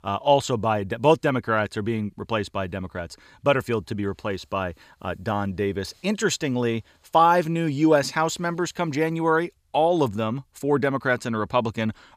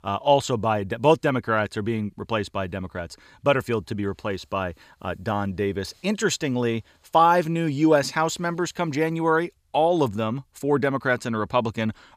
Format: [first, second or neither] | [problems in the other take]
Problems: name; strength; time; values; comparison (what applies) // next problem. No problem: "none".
neither | none